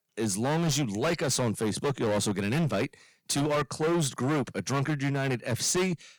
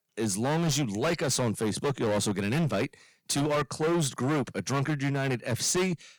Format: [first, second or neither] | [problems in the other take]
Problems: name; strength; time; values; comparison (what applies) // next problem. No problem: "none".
neither | distortion; heavy; 20% of the sound clipped; the same in both